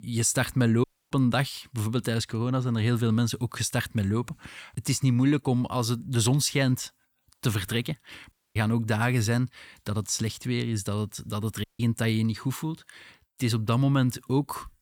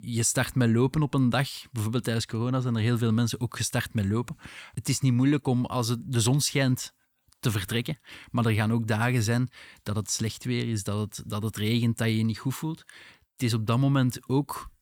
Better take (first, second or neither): second